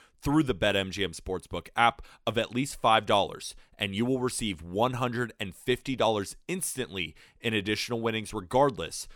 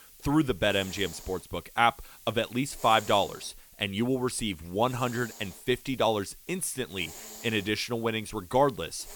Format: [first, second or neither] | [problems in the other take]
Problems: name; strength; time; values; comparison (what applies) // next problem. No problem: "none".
first | hiss; noticeable; throughout; 20 dB below the speech